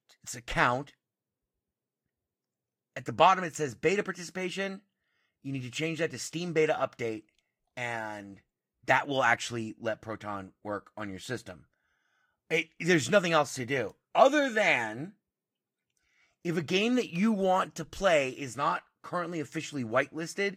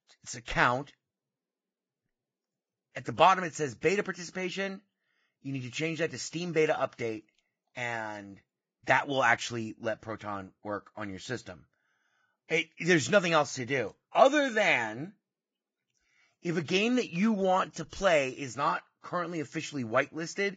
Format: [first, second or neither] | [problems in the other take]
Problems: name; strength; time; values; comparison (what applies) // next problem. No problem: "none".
first | garbled, watery; badly; nothing above 7.5 kHz; slightly in the first